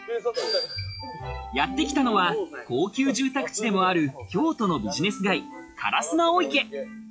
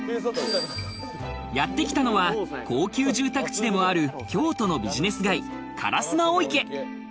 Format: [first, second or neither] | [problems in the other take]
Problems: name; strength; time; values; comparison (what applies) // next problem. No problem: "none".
second | noise reduction (classical method log-MMSE)